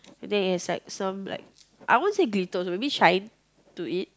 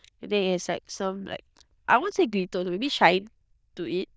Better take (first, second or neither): first